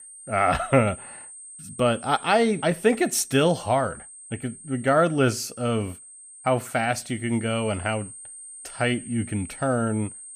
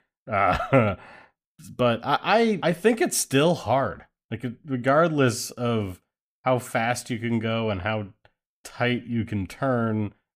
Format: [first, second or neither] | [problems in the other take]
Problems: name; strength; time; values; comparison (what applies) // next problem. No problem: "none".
second | high-pitched whine; noticeable; throughout; 8.5 kHz, 15 dB below the speech